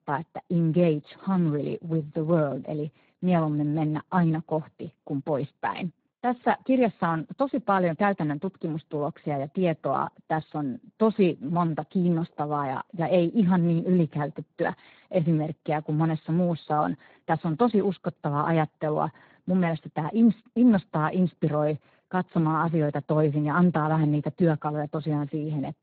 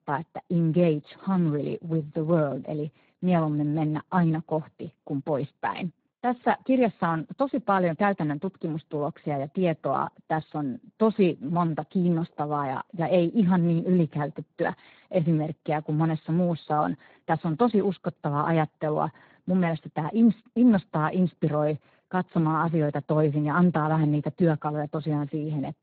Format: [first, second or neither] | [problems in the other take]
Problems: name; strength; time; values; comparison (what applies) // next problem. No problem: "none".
neither | garbled, watery; badly; nothing above 4 kHz; the same in both